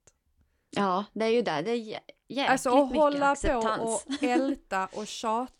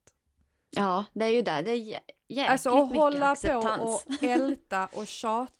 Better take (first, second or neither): first